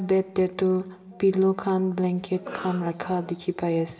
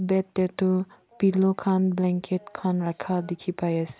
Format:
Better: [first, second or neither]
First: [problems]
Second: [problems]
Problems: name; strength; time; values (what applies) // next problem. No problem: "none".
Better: second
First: background sound (Cough); 18 dB below the speech // room echo; dies away in 2.6 s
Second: none